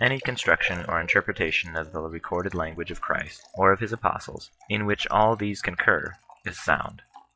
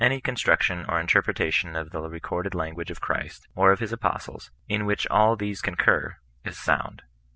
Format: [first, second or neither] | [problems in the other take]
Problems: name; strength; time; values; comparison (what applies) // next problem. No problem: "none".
second | noise reduction (classical method log-MMSE)